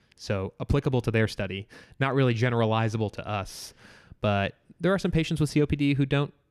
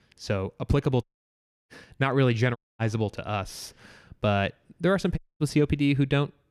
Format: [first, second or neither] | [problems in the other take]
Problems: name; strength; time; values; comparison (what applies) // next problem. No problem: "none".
first | audio cutting out; at 1 s for 0.5 s, at 2.5 s and at 5 s